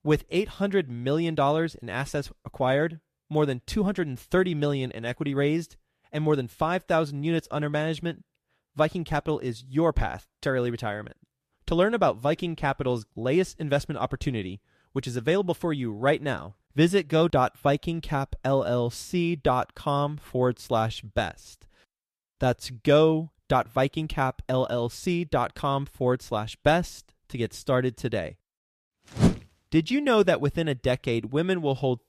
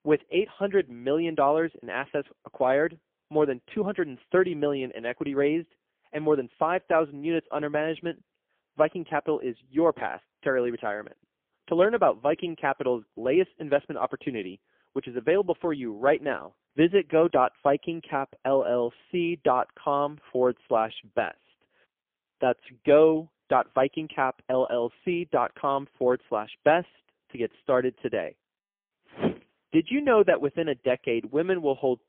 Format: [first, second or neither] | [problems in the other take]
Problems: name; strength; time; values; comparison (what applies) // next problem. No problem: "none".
first | phone-call audio; poor line; nothing above 3.5 kHz